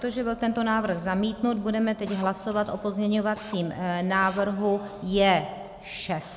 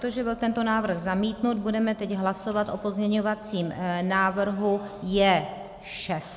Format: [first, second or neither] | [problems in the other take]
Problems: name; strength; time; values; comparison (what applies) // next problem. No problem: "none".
second | background sound (Drill); 20 dB below the speech